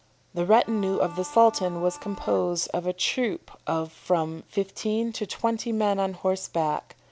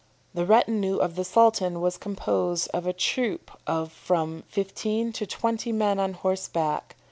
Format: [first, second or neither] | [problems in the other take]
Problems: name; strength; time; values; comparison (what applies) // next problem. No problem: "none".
second | background sound (Bowed string instrument); 16 dB below the speech